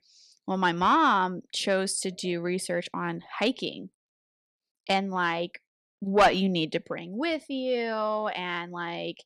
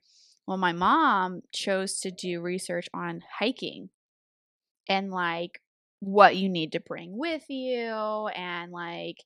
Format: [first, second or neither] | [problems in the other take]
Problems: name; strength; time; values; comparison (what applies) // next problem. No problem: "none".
second | distortion; slight; 10 dB below the speech